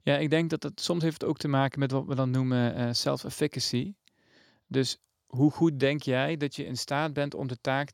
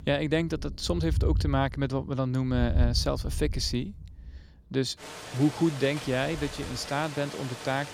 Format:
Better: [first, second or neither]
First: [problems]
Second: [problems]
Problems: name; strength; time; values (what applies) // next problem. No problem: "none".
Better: first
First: none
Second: rain or running water; loud; throughout; 5 dB below the speech